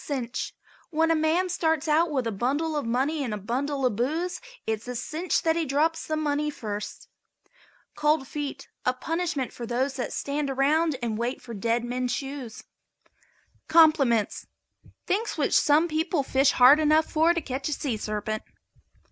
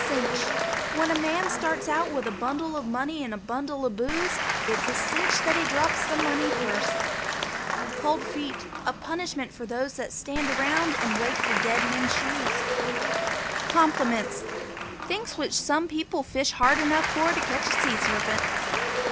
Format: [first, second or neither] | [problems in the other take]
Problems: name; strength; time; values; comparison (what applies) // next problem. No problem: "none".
first | background sound (Applause / Crowd); as loud as the speech